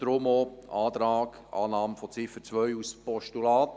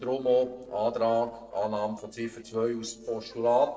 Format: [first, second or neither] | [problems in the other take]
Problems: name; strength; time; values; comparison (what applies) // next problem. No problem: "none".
first | noise reduction (neural separator model SepFormer DNS4)